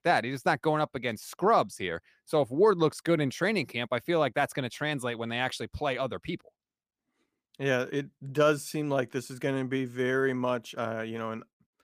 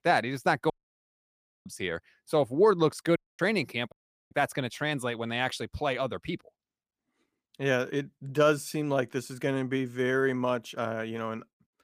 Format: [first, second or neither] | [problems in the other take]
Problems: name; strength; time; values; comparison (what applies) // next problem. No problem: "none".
first | audio cutting out; at 0.5 s for 1 s, at 3 s and at 4 s